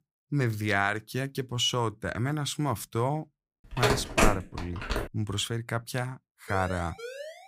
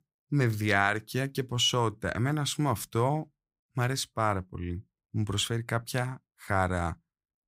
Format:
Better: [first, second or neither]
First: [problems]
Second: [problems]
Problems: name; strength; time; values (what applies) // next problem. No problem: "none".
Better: second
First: phone ringing; loud; from 4 to 5 s; peak 5 dB above the speech // siren; noticeable; at 6.5 s; peak 10 dB below the speech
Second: none